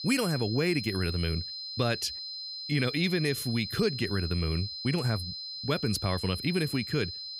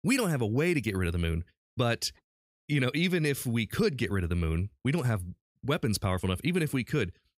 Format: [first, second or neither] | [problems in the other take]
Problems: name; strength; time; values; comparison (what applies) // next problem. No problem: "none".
second | high-pitched whine; loud; throughout; 4 kHz, 6 dB below the speech